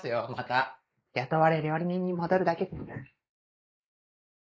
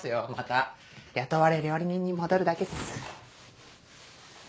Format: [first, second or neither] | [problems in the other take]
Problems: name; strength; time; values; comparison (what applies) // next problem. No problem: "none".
second | noise reduction (neural mask model Resemble Enhance denoiser)